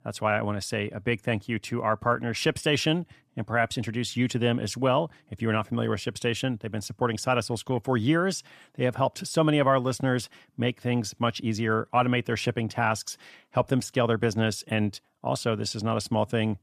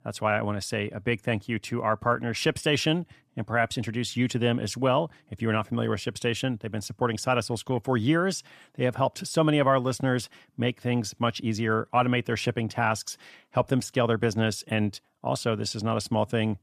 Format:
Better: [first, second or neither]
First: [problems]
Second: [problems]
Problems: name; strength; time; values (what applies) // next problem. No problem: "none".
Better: neither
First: none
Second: none